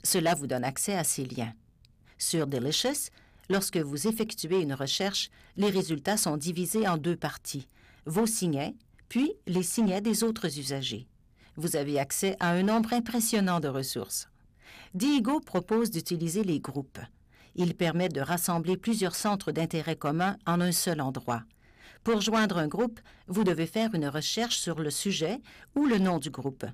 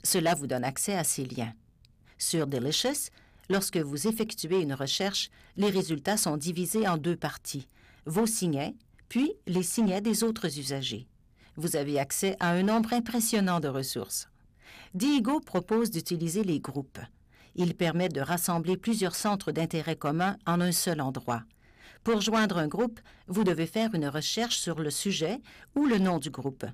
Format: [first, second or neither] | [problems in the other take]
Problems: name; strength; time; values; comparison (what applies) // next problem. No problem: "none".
neither | distortion; slight; 5% of the sound clipped; the same in both